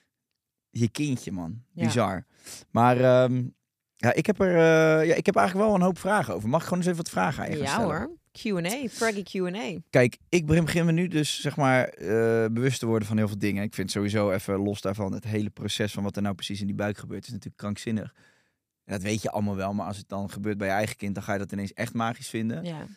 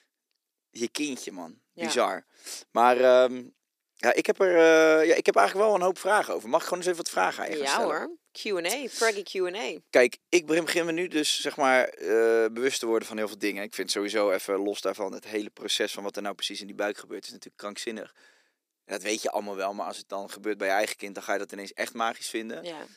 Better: first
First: none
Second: thin; somewhat; fading below 350 Hz

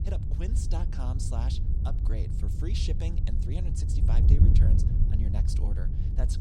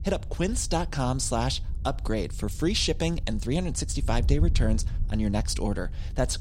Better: second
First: wind noise on the microphone; heavy; as loud as the speech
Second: wind noise on the microphone; occasional gusts; 20 dB below the speech

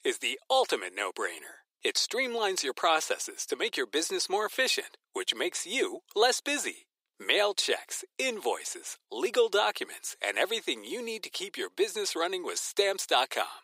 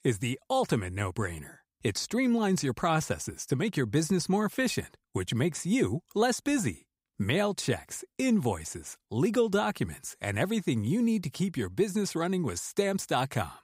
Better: second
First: thin; very; fading below 400 Hz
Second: none

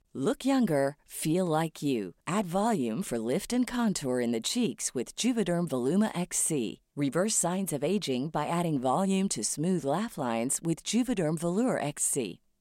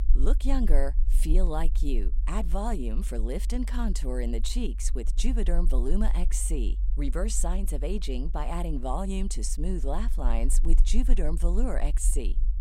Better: first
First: none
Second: low rumble; noticeable; throughout; 20 dB below the speech

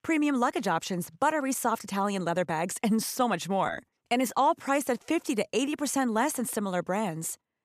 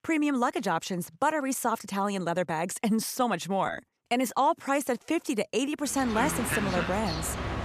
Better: first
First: none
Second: train or aircraft noise; loud; from 6 s on; 4 dB below the speech

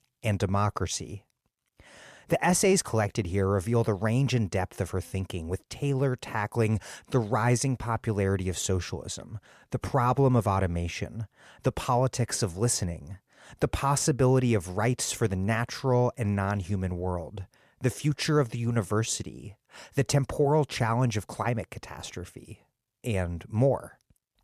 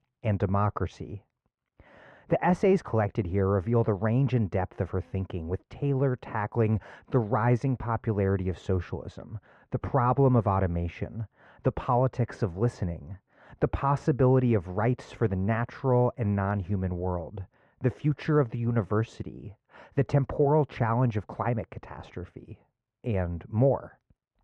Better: first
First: none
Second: muffled; very; fading above 1.5 kHz

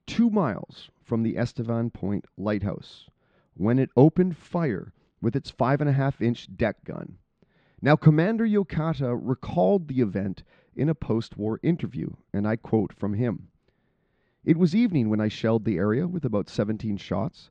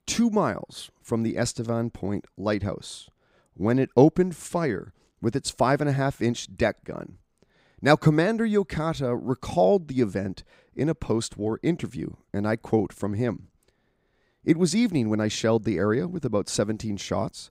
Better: second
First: muffled; slightly; fading above 4 kHz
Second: none

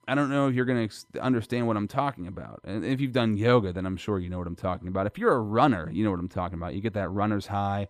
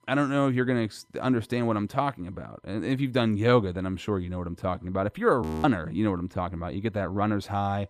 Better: first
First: none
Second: audio freezing; at 5.5 s

